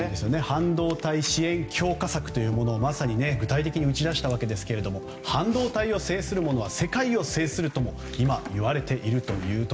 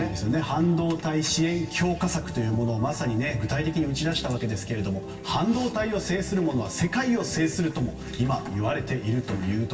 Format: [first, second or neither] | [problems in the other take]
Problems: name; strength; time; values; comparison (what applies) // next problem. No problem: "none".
first | room echo; dies away in 2.2 s